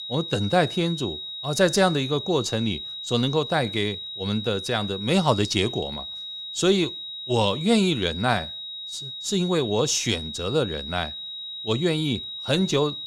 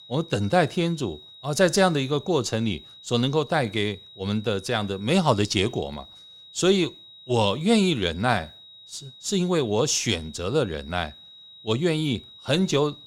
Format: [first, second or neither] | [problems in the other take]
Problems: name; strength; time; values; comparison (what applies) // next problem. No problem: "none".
second | high-pitched whine; loud; throughout; 4 kHz, 8 dB below the speech; faint in the second